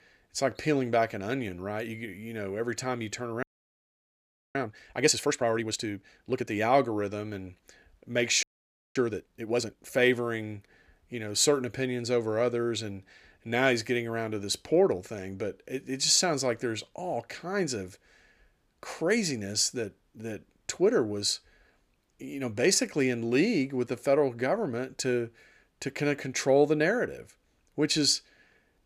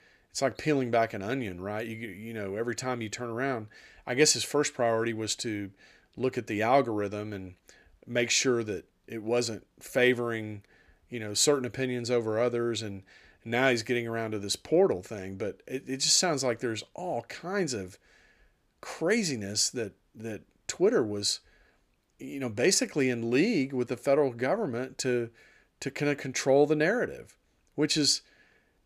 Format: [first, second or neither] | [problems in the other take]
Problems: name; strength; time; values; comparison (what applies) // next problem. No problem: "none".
second | audio freezing; at 3.5 s for 1 s and at 8.5 s for 0.5 s